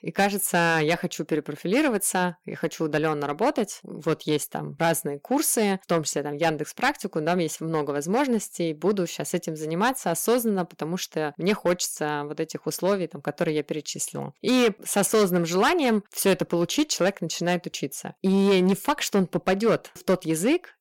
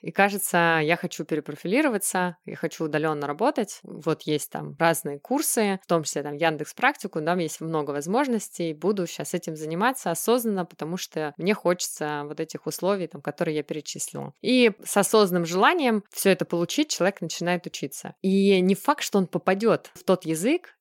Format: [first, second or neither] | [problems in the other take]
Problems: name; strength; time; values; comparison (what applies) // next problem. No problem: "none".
second | distortion; slight; 5% of the sound clipped